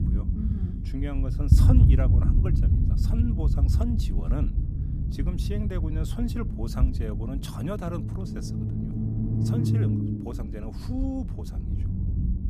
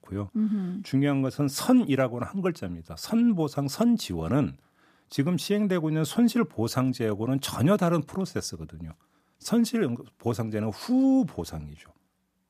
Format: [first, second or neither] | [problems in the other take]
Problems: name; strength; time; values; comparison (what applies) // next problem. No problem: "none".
second | low rumble; loud; throughout; as loud as the speech